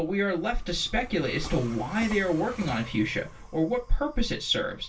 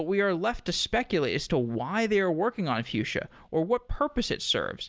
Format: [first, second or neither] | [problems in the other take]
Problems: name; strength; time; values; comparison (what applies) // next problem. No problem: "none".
second | background sound (Train); 17 dB below the speech // room echo; dies away in 0.2 s